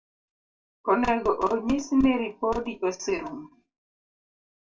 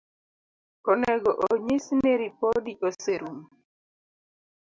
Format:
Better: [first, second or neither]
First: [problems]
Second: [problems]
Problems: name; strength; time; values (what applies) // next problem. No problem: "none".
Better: second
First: room echo; dies away in 0.2 s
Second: none